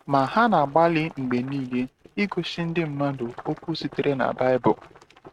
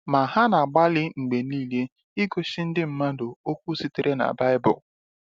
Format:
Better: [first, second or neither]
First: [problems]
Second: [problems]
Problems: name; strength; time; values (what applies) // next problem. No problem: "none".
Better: second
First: noise reduction (neural mask model RNNoise)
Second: none